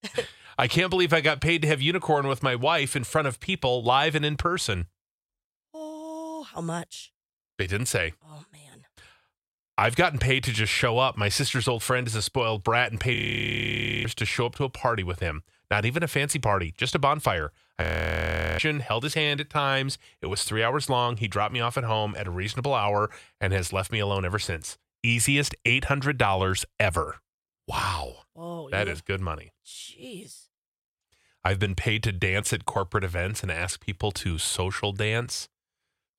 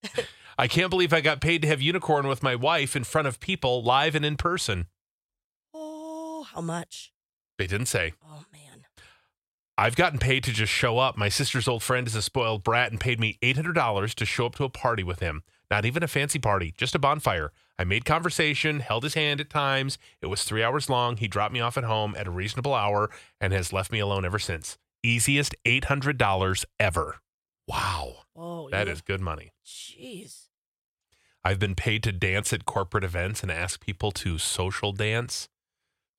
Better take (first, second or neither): second